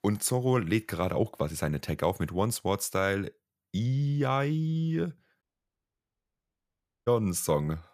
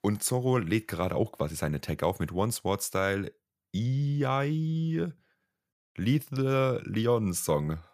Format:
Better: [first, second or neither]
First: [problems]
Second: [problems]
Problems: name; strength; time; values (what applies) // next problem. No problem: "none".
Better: second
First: audio cutting out; at 5.5 s for 1.5 s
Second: none